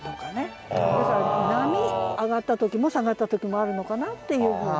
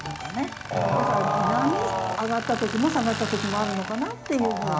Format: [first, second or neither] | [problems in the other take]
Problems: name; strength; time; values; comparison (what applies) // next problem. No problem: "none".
first | background sound (Tools); 10 dB below the speech // room echo; dies away in 0.4 s